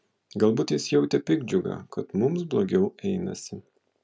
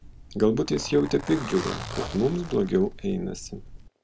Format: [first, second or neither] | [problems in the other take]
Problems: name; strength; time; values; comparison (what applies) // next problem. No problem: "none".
first | background sound (Zipper (clothing)); 12 dB below the speech